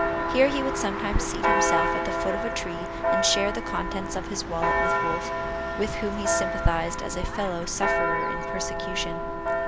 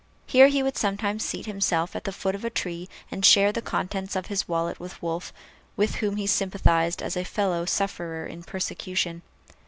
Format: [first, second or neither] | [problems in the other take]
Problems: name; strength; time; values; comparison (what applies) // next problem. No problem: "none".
second | background sound (Church bell); 3 dB above the speech